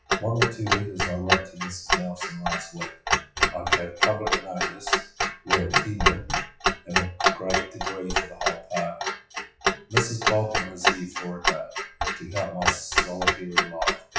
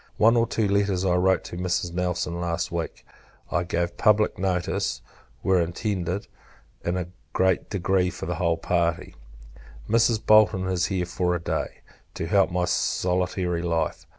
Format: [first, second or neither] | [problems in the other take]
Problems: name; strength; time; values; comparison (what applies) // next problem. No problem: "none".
second | noise reduction (classical method WPE with log-MMSE)